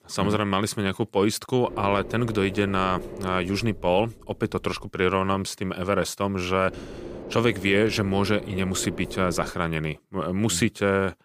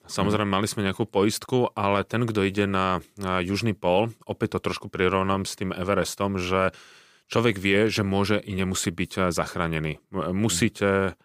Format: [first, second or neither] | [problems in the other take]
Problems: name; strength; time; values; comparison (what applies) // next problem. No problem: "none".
second | low rumble; noticeable; from 1.5 to 5 s and from 6.5 to 9.5 s; 15 dB below the speech